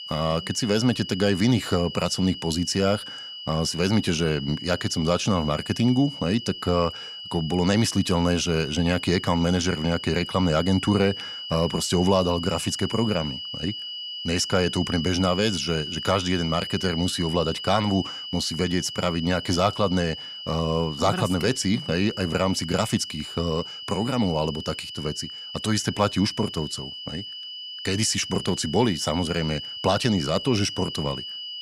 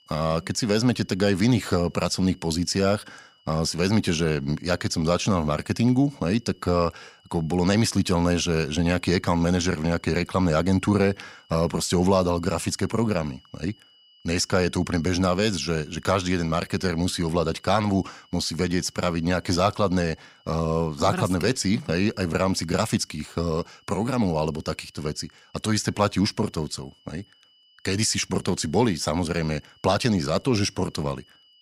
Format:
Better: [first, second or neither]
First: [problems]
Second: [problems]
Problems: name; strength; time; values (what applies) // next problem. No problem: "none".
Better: second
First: high-pitched whine; loud; throughout; 3 kHz, 9 dB below the speech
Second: high-pitched whine; faint; throughout; 3 kHz, 30 dB below the speech